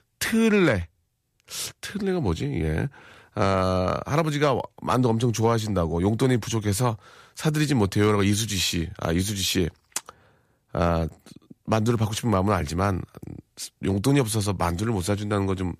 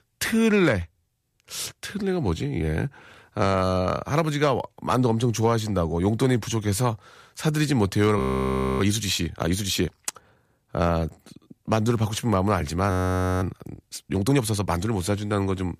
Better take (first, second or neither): first